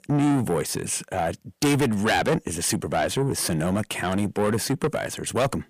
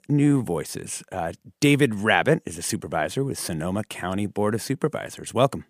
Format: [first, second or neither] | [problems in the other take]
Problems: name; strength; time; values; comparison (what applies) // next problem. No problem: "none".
second | distortion; heavy; 6 dB below the speech